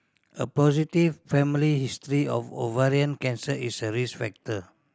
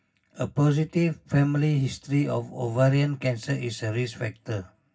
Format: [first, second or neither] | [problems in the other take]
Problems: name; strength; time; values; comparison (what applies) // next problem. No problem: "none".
first | room echo; dies away in 0.4 s